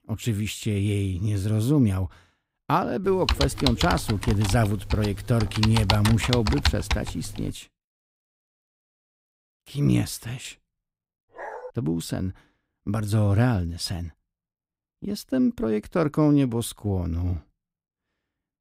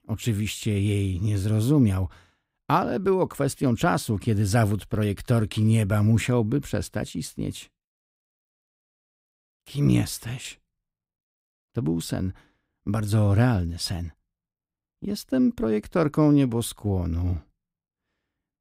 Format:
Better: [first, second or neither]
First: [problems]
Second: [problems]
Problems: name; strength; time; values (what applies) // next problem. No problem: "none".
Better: second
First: keyboard typing; loud; from 3 to 7.5 s; peak 1 dB above the speech // dog barking; faint; at 11 s; peak 10 dB below the speech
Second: none